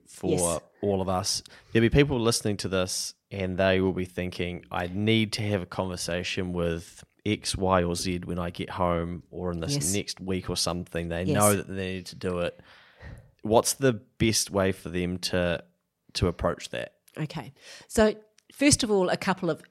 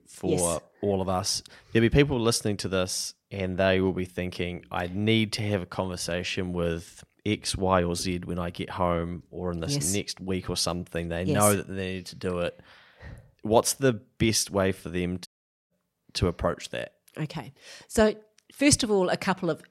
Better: first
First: none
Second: audio cutting out; at 15 s

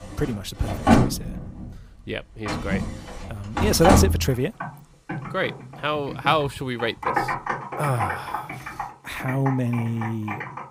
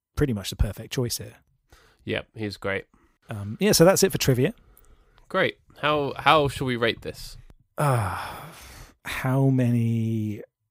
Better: second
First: household noises; loud; throughout; as loud as the speech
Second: none

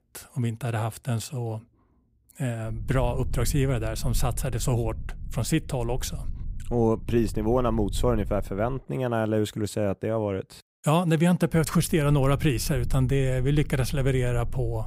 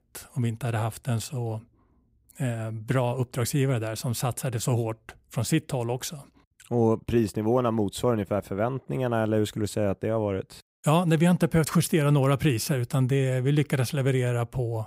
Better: second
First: low rumble; faint; from 2.5 to 9 s and from 12 s on; 25 dB below the speech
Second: none

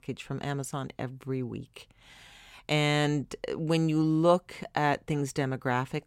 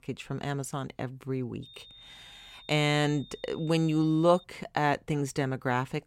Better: first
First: none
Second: high-pitched whine; faint; from 1.5 to 4.5 s; 3.5 kHz, 20 dB below the speech

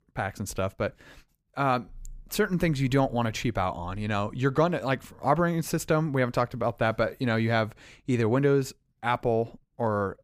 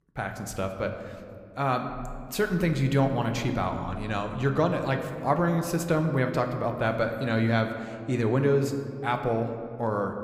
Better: first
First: none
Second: room echo; slight; dies away in 1.7 s

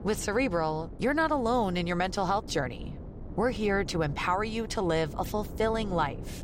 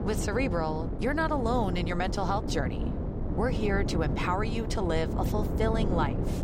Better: first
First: wind noise on the microphone; occasional gusts; 20 dB below the speech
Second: wind noise on the microphone; heavy; 7 dB below the speech

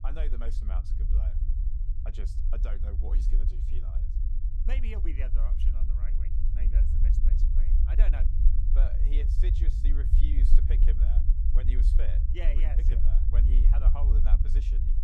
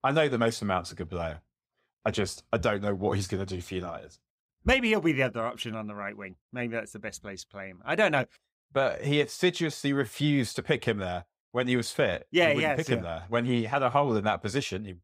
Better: second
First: low rumble; loud; throughout; 2 dB below the speech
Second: none

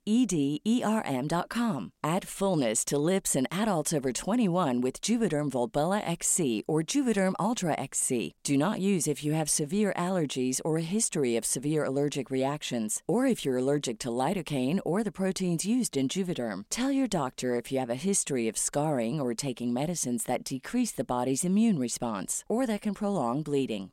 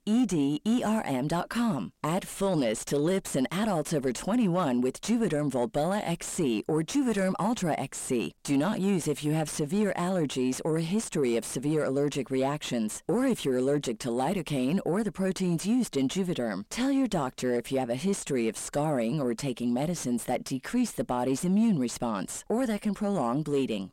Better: first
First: none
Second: distortion; slight; 10 dB below the speech

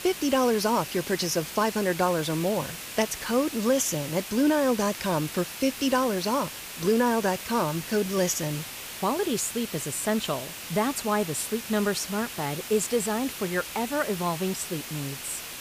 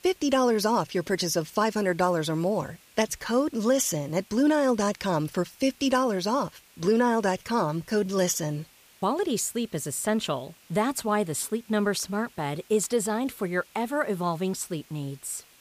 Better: second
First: hiss; loud; throughout; 9 dB below the speech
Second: hiss; faint; throughout; 25 dB below the speech

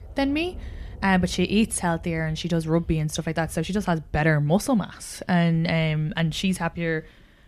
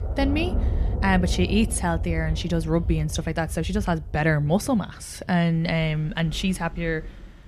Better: first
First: rain or running water; faint; throughout; 20 dB below the speech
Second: rain or running water; loud; throughout; 6 dB below the speech

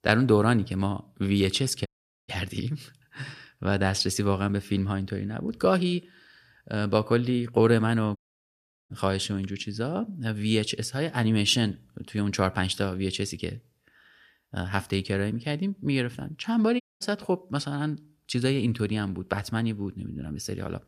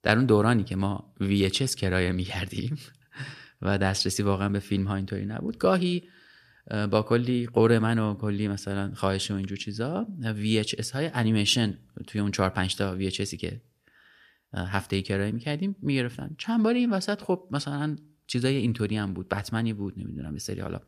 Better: second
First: audio cutting out; at 2 s, at 8 s for 0.5 s and at 17 s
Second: none

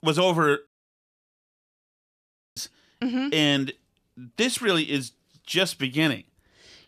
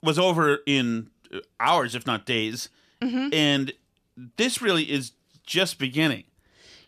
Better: second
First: audio cutting out; at 0.5 s for 2 s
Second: none

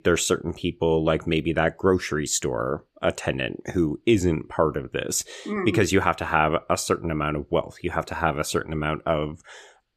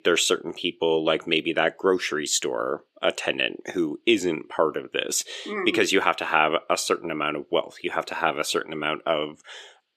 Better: first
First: none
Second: thin; very slightly; fading below 350 Hz

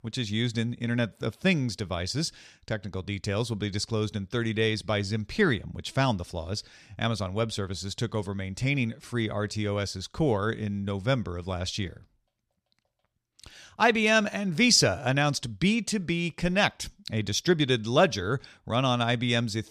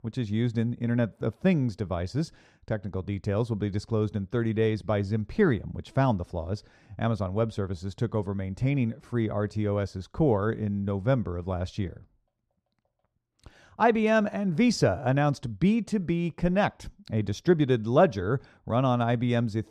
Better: first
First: none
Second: muffled; slightly; fading above 2 kHz

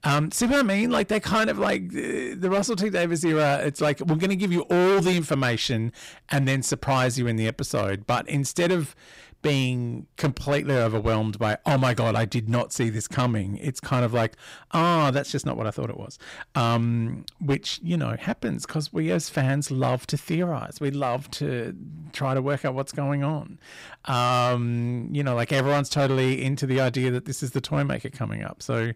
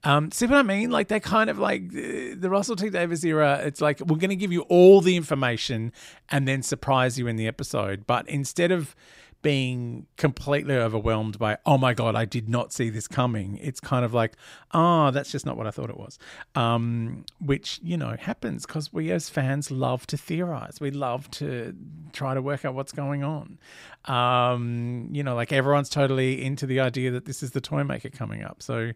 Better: second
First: distortion; heavy; 9% of the sound clipped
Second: none

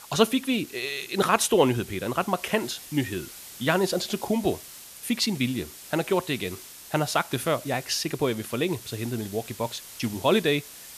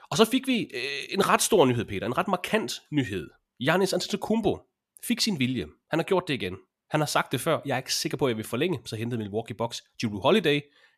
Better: second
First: hiss; noticeable; throughout; 15 dB below the speech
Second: none

